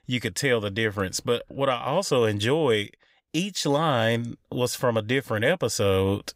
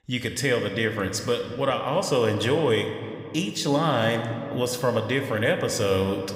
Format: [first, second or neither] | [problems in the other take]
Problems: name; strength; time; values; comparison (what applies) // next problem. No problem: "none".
first | room echo; slight; dies away in 1.9 s